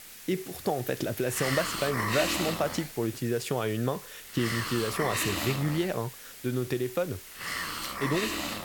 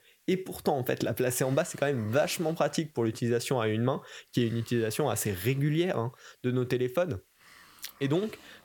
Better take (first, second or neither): second